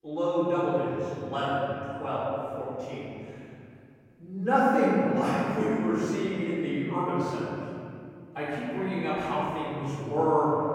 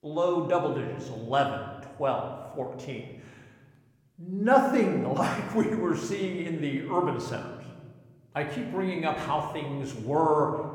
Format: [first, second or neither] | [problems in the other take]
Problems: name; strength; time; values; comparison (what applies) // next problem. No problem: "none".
second | room echo; strong; dies away in 2.6 s; slight in the second // off-mic speech; far